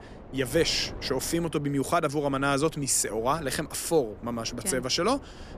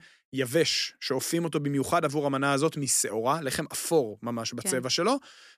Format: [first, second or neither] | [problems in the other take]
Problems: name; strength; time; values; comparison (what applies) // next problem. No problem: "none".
second | wind noise on the microphone; occasional gusts; 20 dB below the speech